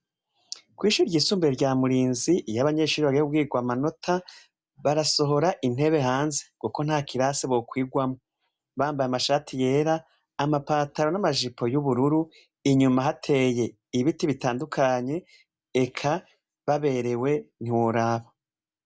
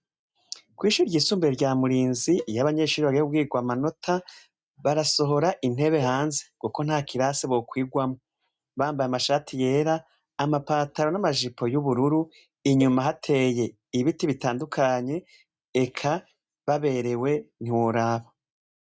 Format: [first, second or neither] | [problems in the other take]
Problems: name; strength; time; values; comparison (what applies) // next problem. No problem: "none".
first | noise reduction (neural mask model RNNoise)